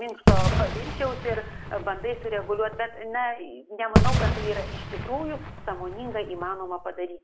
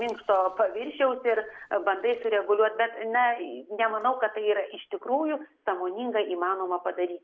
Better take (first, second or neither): second